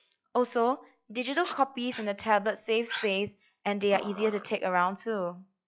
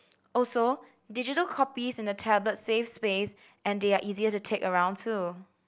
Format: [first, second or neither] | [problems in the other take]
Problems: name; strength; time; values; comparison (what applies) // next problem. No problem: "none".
second | noise reduction (classical method log-MMSE)